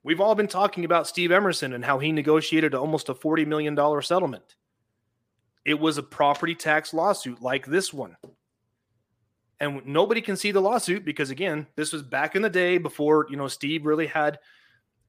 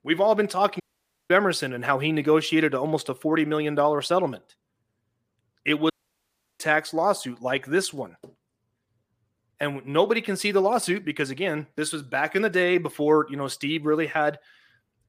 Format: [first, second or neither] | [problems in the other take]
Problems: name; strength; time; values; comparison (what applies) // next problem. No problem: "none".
first | audio cutting out; at 1 s for 0.5 s and at 6 s for 0.5 s